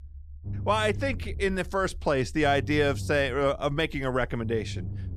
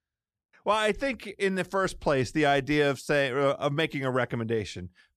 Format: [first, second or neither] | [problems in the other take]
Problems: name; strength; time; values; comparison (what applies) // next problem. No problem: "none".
second | low rumble; faint; throughout; 25 dB below the speech